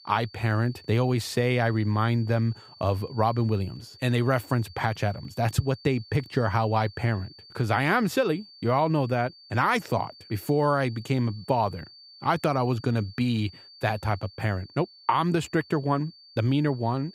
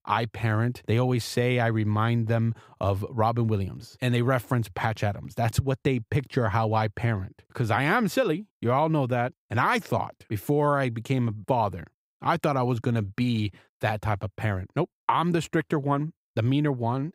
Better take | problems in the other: second | high-pitched whine; faint; throughout; 4.5 kHz, 20 dB below the speech

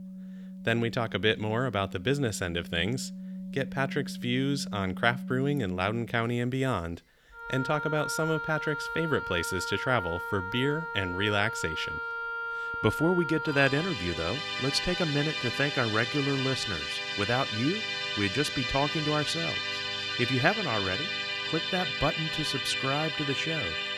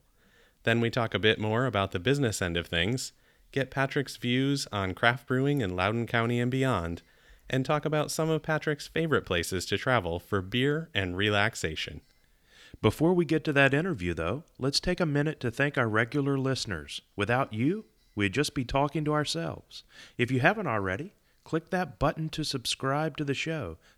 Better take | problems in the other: second | background music; loud; throughout; 3 dB below the speech

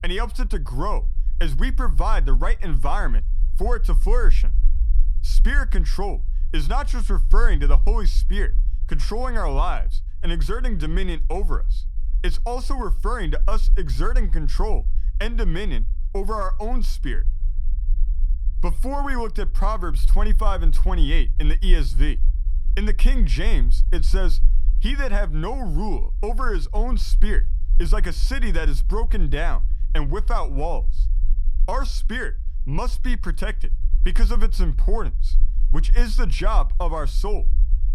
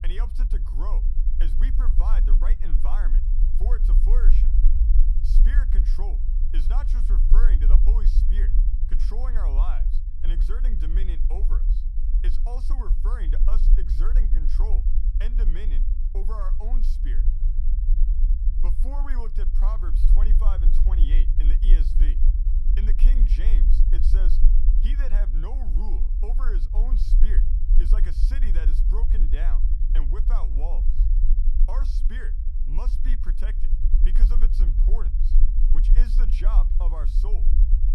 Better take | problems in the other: first | low rumble; loud; throughout; 5 dB below the speech; faint in the first

